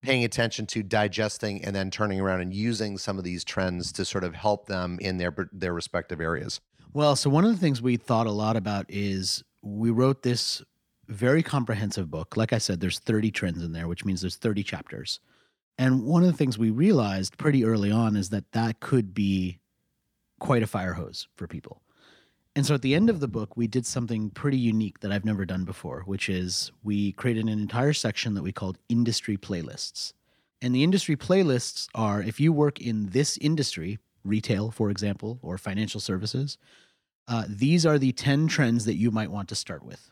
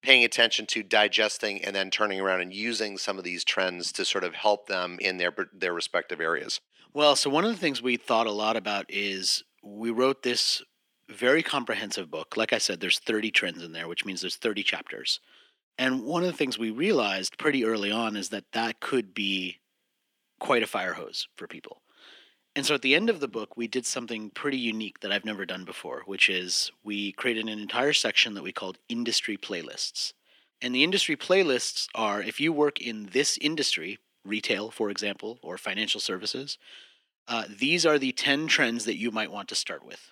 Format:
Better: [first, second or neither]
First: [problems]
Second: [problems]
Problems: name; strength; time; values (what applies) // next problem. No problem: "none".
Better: first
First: none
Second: thin; somewhat; fading below 300 Hz